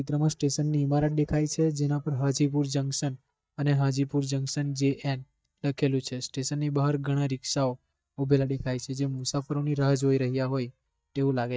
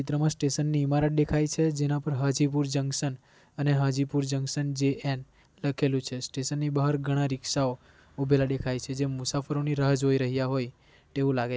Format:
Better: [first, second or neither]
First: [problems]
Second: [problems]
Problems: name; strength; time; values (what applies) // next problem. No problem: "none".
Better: second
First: noise reduction (neural mask model DeepFilterNet 3)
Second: none